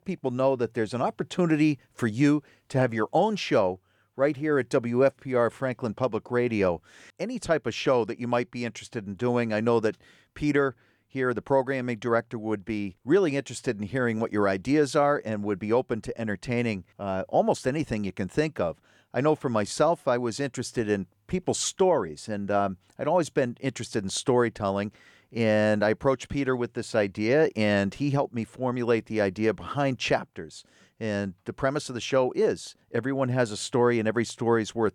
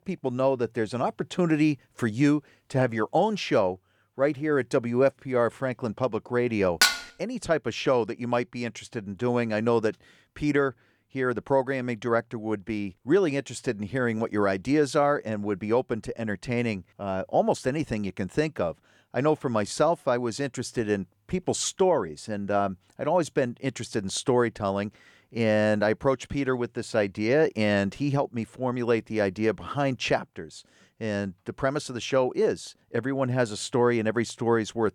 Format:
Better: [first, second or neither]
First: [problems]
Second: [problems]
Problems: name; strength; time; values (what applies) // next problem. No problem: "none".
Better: first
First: none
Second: clattering dishes; loud; at 7 s; peak 5 dB above the speech